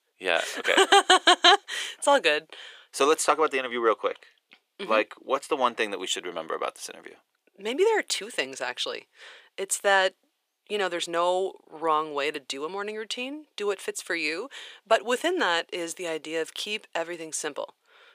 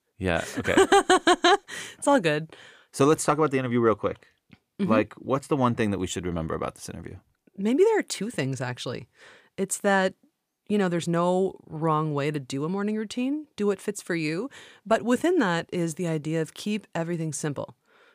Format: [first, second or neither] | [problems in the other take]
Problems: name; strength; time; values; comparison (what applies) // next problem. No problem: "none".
second | thin; very; fading below 450 Hz